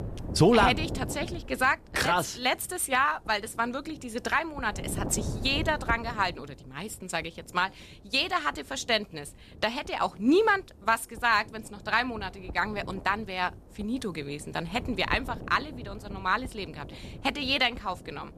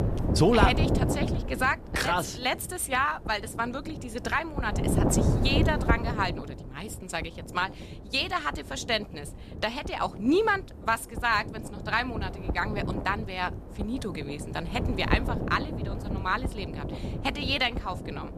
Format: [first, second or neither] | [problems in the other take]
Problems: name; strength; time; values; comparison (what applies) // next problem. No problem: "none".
first | wind noise on the microphone; heavy; 10 dB below the speech; occasional gusts in the first